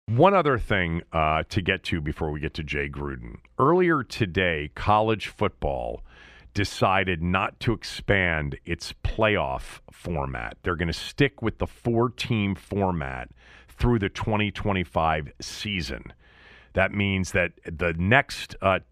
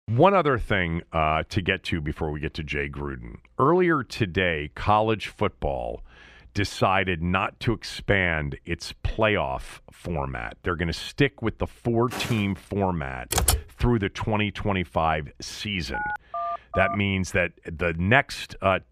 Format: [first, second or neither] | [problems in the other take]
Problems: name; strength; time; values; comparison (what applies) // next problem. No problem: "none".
first | footsteps; noticeable; at 12 s; peak 9 dB below the speech // keyboard typing; loud; at 13 s; peak 3 dB above the speech // phone ringing; noticeable; from 16 to 17 s; peak 5 dB below the speech